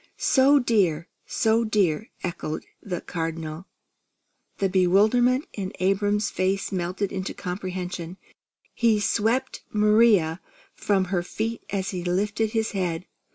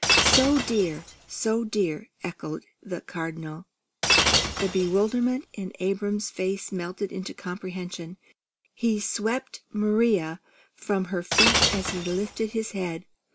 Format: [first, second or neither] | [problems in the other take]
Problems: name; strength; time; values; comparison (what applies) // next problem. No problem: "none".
first | background sound (Shatter); 2 dB above the speech